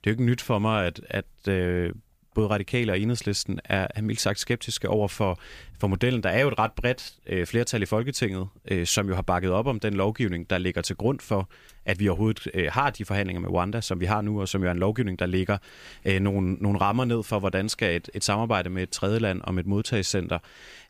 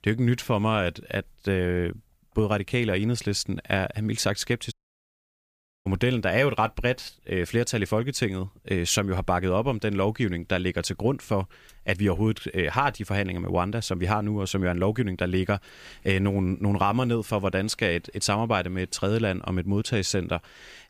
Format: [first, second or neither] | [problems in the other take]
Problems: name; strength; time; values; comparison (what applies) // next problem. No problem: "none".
first | audio cutting out; at 4.5 s for 1 s